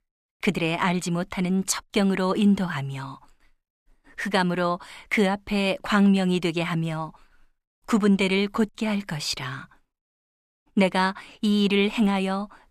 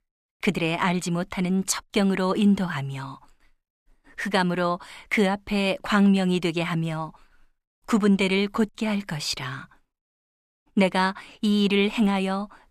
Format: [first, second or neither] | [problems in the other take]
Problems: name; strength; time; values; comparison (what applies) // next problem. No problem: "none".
neither | none